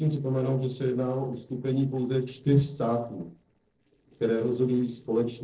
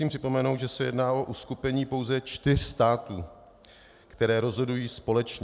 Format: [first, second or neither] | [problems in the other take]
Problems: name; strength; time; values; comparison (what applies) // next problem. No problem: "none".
second | noise reduction (neural separator model SepFormer DNS4)